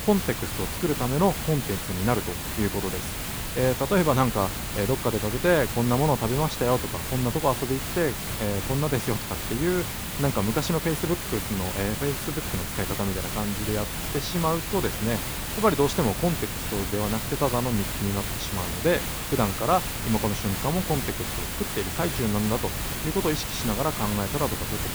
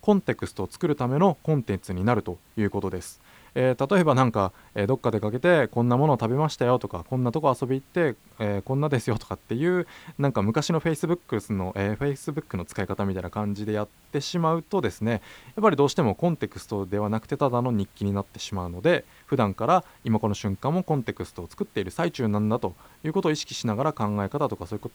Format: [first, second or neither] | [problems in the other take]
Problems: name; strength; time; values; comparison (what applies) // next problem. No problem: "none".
second | hiss; loud; throughout; 3 dB below the speech; faint in the second